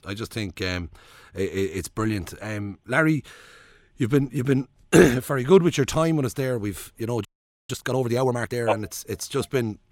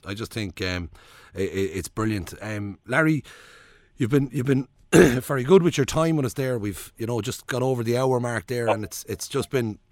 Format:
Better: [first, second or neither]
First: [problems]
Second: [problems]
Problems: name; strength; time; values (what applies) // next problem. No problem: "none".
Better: second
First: audio freezing; at 7.5 s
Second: none